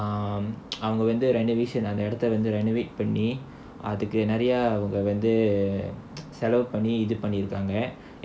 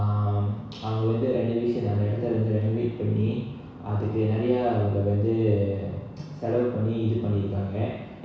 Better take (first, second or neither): first